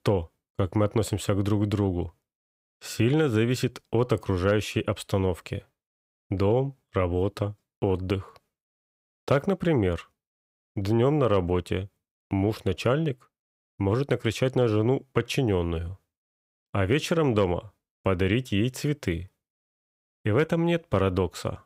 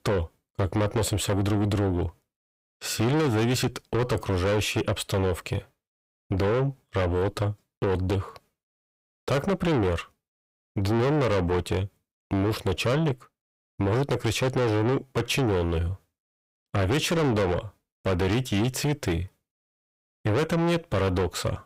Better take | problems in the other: first | distortion; heavy; 5 dB below the speech

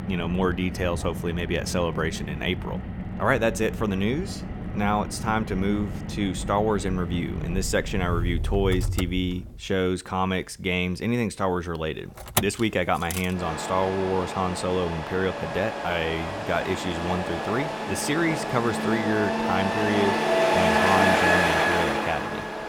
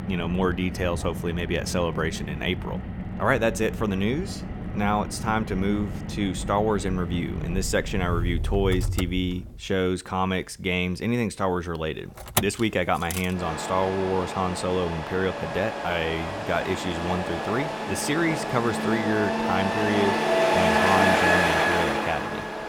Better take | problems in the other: neither | traffic noise; loud; throughout; 1 dB below the speech; the same in both

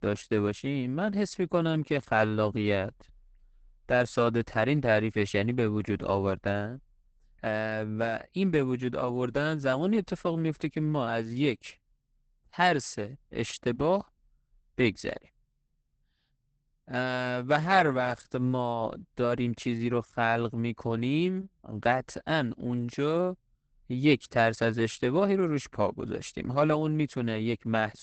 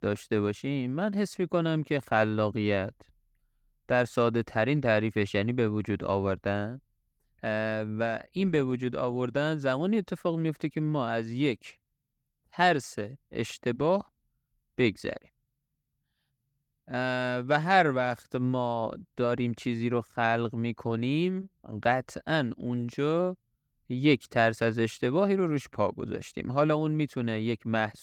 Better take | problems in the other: second | garbled, watery; badly; nothing above 8 kHz; slightly in the second

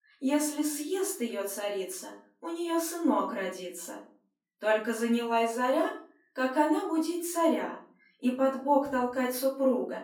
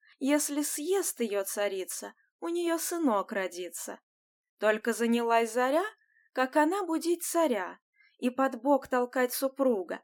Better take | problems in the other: second | off-mic speech; far // room echo; slight; dies away in 0.8 s

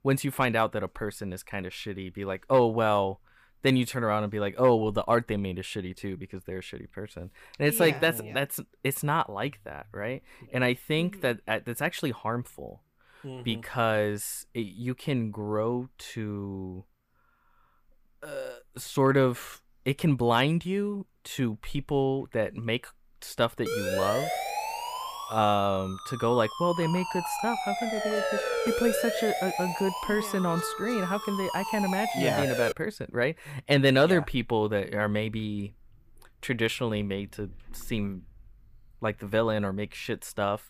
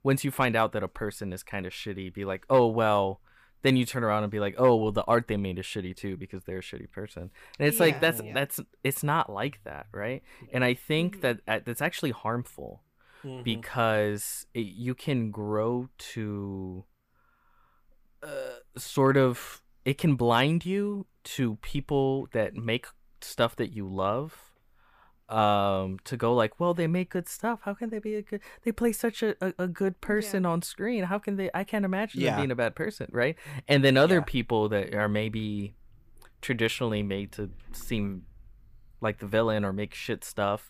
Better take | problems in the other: second | siren; loud; from 24 to 33 s; peak level with the speech

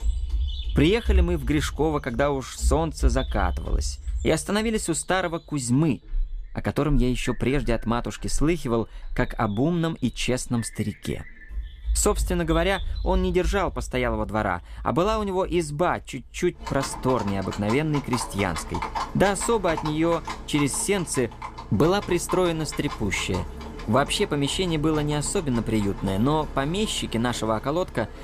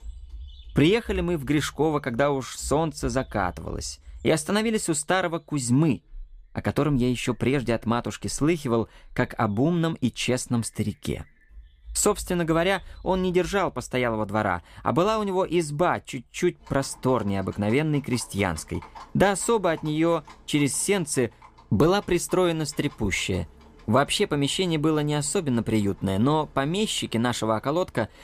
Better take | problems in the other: second | animal sounds; loud; throughout; 9 dB below the speech; faint in the second

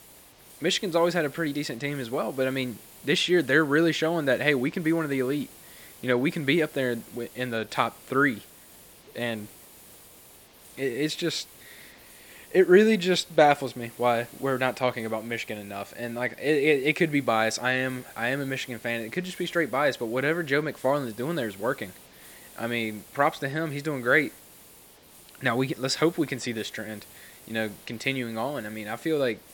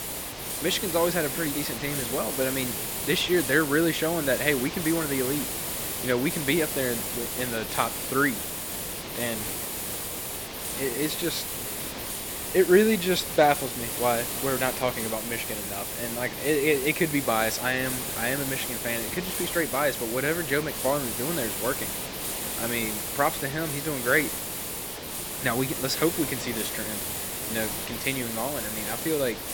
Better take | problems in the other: first | hiss; loud; throughout; 3 dB below the speech; faint in the first

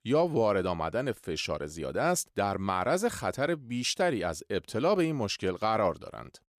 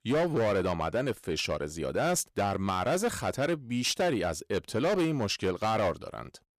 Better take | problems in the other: first | distortion; slight; 11% of the sound clipped

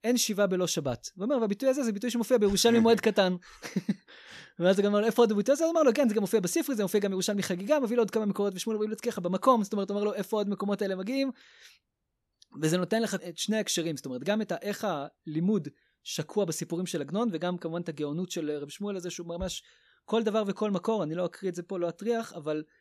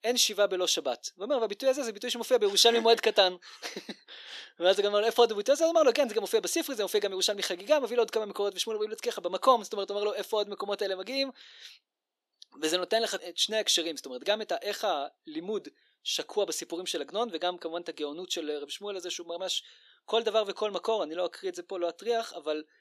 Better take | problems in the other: first | thin; somewhat; fading below 350 Hz

